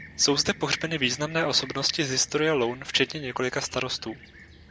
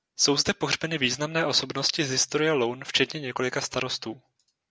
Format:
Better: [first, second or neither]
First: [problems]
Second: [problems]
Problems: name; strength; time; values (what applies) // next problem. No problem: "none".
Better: second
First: background sound (Fixed-wing aircraft, airplane); 19 dB below the speech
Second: none